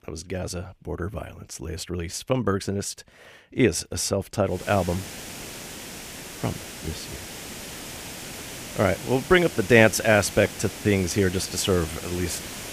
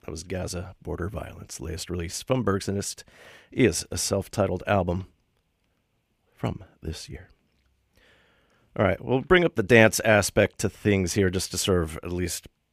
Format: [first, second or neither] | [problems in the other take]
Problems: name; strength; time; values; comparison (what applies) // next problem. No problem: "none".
second | hiss; noticeable; from 4.5 s on; 10 dB below the speech